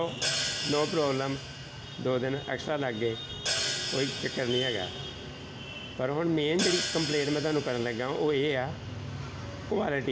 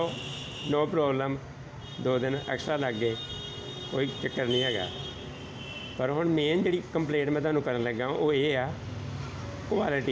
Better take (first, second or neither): second